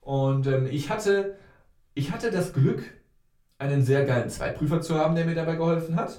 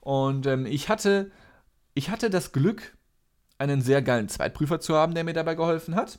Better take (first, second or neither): second